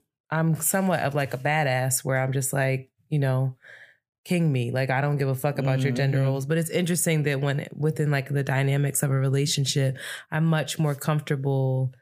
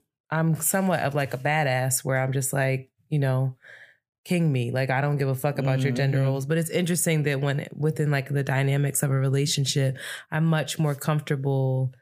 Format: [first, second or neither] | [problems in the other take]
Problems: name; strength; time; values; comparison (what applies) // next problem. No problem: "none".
neither | none